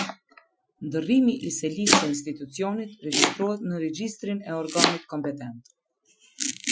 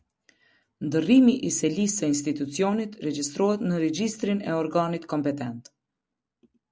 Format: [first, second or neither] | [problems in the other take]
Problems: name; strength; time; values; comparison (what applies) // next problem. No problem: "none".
second | noise reduction (classical method Wiener filter)